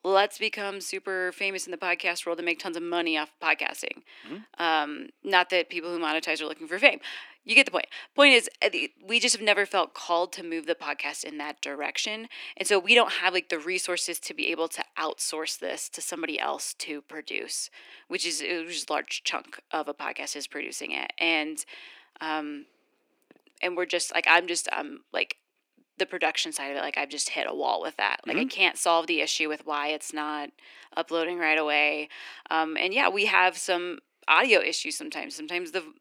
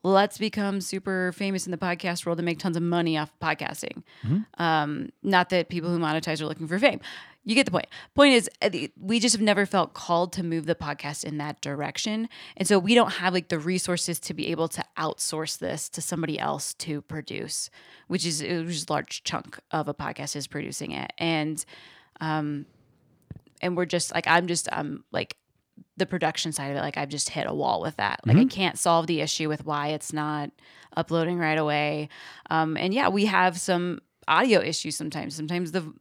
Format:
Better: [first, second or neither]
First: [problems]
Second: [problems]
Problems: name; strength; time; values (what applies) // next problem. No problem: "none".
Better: second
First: thin; somewhat; fading below 300 Hz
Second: none